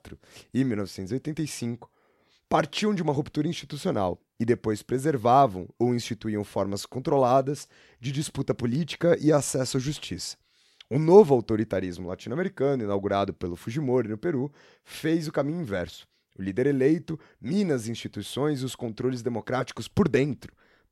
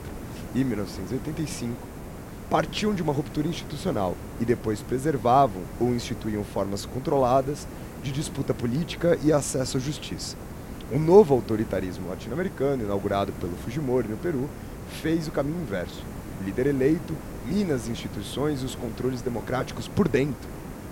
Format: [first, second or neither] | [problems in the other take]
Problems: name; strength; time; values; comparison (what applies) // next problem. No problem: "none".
first | hiss; noticeable; throughout; 10 dB below the speech